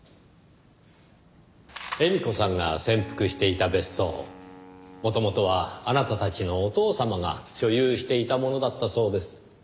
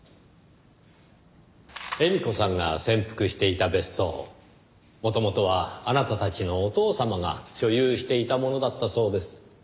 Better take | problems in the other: second | background sound (Wind instrument, woodwind instrument); 19 dB below the speech

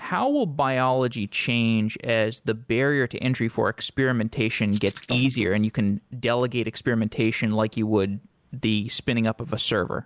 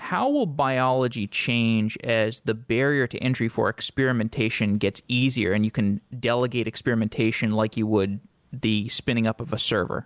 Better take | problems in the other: second | noise reduction (neural mask model Resemble Enhance denoiser)

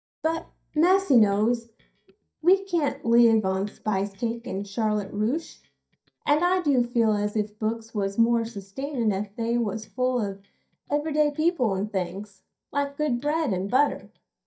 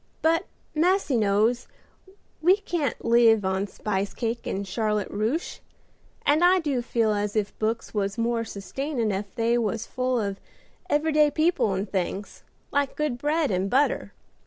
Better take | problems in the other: second | noise reduction (neural mask model DeepFilterNet 3)

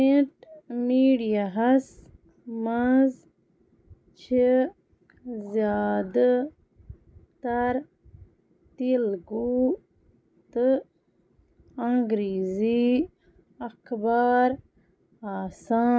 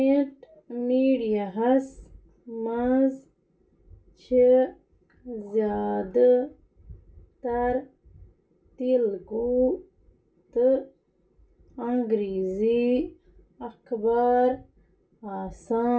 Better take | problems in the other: first | room echo; dies away in 0.2 s

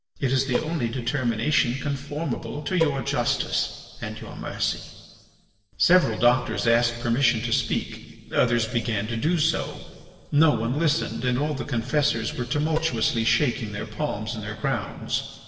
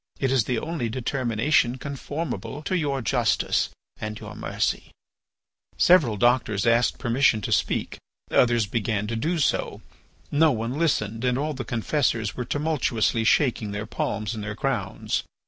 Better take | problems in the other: second | noise reduction (neural separator model SepFormer DNS4)

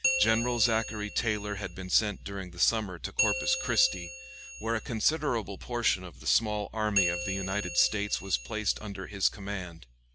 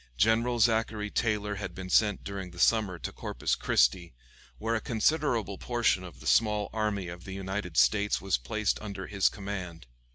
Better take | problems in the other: second | background sound (Bell); 6 dB below the speech

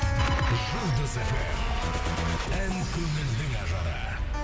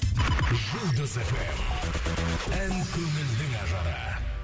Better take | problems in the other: second | background sound (Keyboard (musical)); 5 dB below the speech

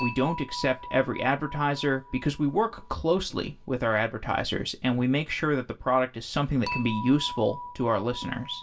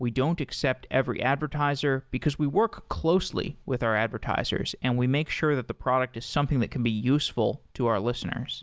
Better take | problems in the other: second | background sound (Dishes, pots, and pans / Chink, clink); 14 dB below the speech // room echo; dies away in 0.2 s

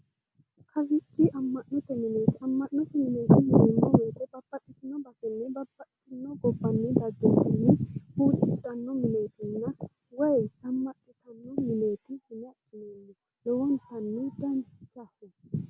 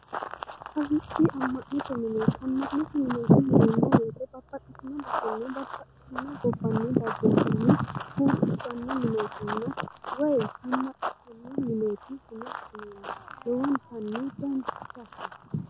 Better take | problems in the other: first | background sound (Run); 10 dB below the speech

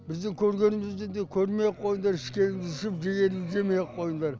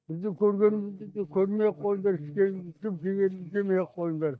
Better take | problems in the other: first | noise reduction (neural mask model DeepFilterNet 3)

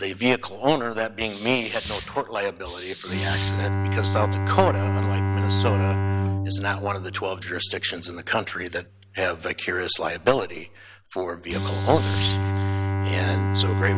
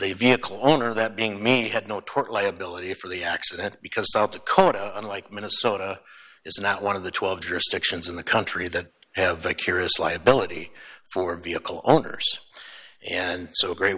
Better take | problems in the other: second | background sound (Bowed string instrument + Hiss); 1 dB above the speech

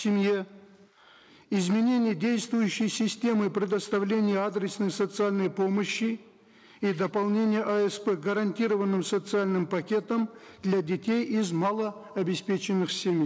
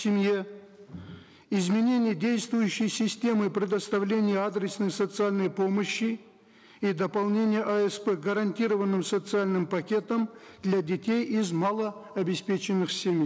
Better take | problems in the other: second | noise reduction (neural mask model Resemble Enhance denoiser)

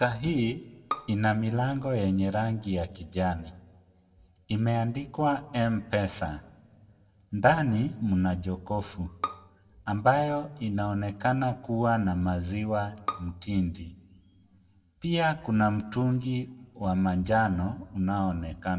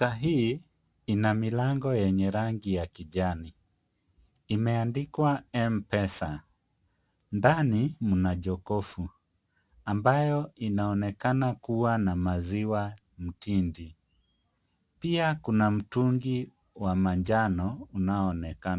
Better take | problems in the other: second | background sound (Bowed string instrument); 13 dB below the speech // room echo; dies away in 0.7 s

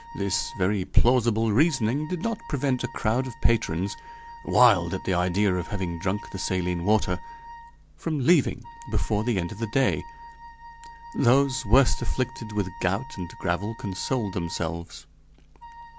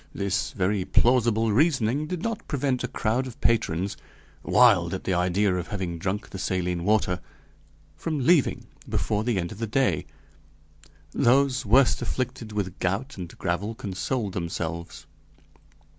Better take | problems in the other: second | background sound (Wind instrument, woodwind instrument); 19 dB below the speech

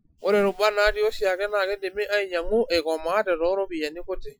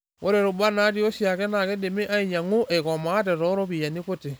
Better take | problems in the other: second | noise reduction (classical method Wiener filter)

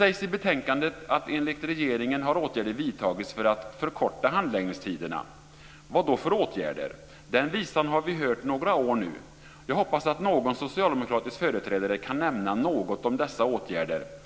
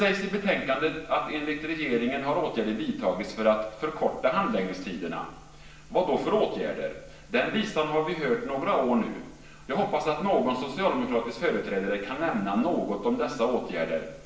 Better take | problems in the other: first | room echo; dies away in 0.8 s

